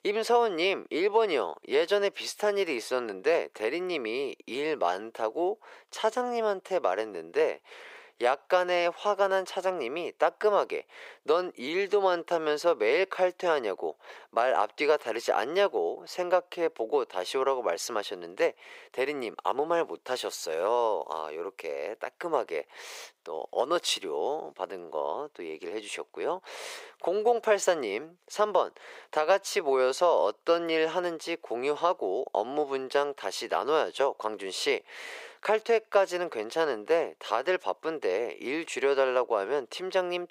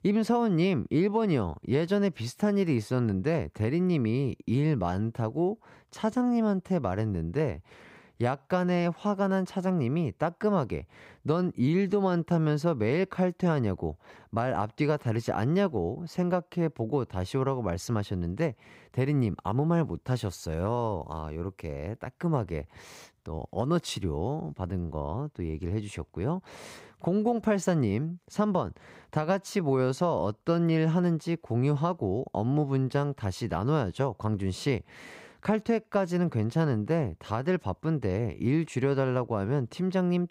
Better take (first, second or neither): second